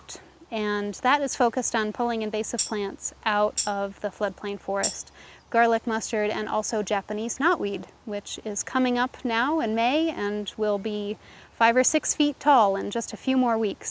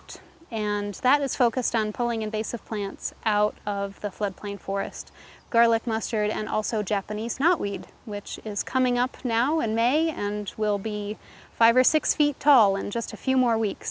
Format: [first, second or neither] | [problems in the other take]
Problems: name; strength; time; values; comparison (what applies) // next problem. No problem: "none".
second | background sound (Tambourine); 10 dB below the speech